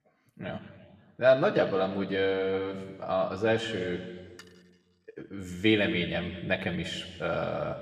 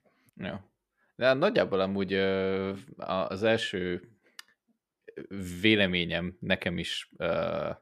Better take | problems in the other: second | room echo; slight; dies away in 1.6 s // off-mic speech; somewhat distant

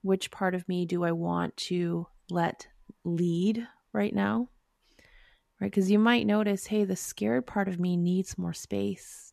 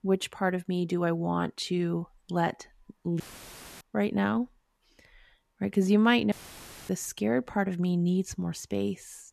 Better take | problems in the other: first | audio cutting out; filled with static; at 3 s for 0.5 s and at 6.5 s for 0.5 s

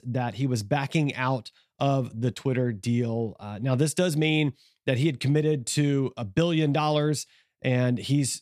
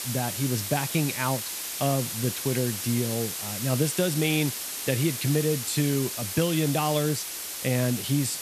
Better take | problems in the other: first | hiss; loud; throughout; 4 dB below the speech

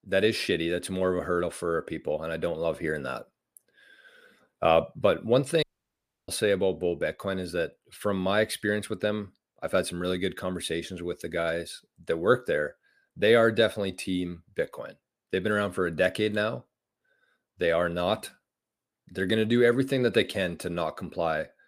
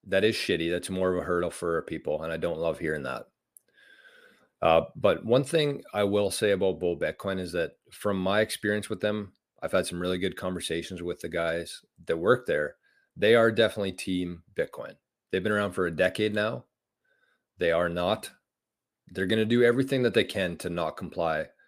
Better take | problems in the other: second | audio cutting out; at 5.5 s for 0.5 s

